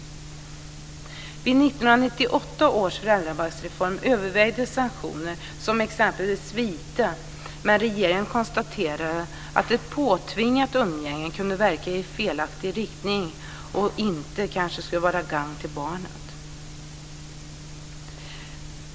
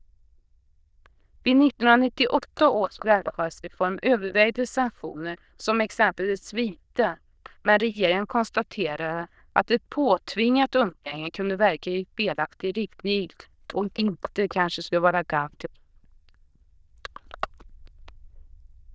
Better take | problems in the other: first | noise reduction (neural diffusion model UNIVERSE++)

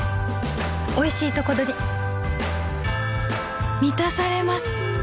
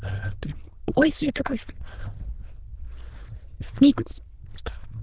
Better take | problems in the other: first | noise reduction (neural diffusion model UNIVERSE++)

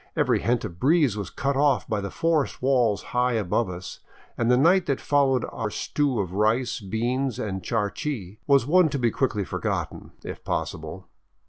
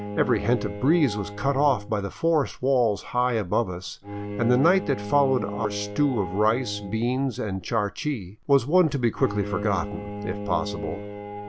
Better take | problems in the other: first | background sound (Bowed string instrument); 10 dB below the speech

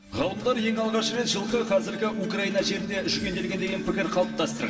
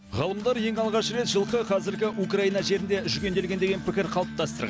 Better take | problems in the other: second | room echo; dies away in 1.7 s

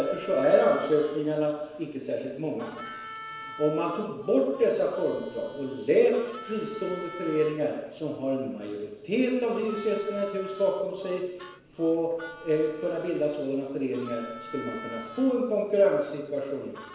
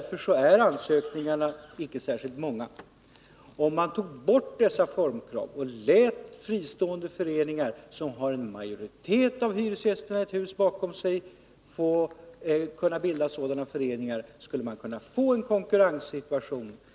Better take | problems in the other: second | background sound (Harmonica); 17 dB below the speech // room echo; dies away in 1 s

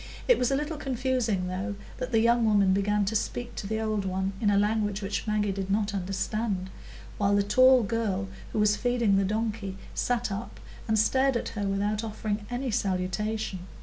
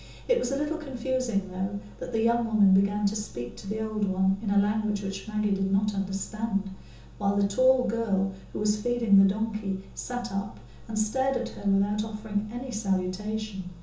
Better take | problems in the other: first | room echo; dies away in 0.6 s

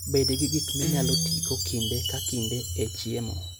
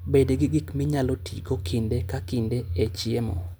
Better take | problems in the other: second | background sound (Guitar + Chime); 1 dB below the speech

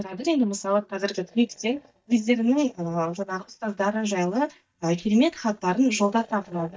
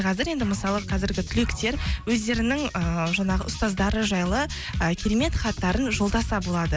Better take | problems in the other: second | noise reduction (neural mask model DeepFilterNet 3)

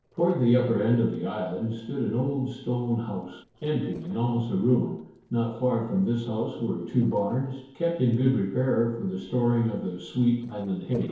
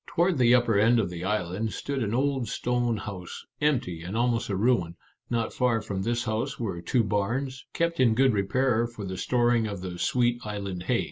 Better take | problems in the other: second | noise reduction (neural separator model SepFormer DNS4)

